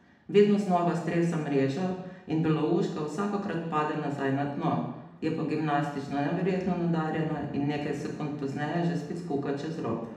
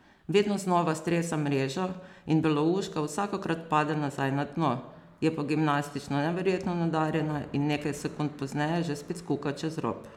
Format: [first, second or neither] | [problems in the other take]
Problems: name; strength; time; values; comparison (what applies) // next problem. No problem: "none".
second | room echo; dies away in 0.8 s